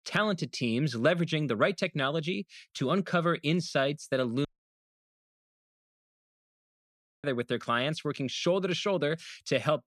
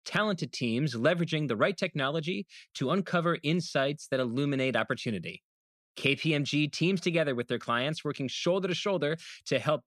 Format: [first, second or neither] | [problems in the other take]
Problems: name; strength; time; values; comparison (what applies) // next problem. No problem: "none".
second | audio cutting out; at 4.5 s for 3 s